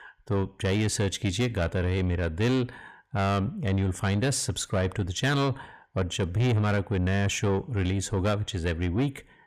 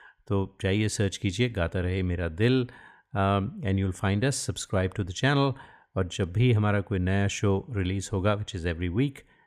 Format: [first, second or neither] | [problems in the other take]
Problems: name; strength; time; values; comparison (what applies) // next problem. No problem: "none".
second | distortion; slight; 10 dB below the speech